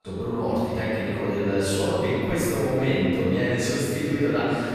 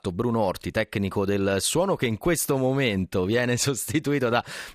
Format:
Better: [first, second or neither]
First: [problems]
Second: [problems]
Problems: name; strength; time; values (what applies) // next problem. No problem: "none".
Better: second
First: room echo; strong; dies away in 3 s // off-mic speech; far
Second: none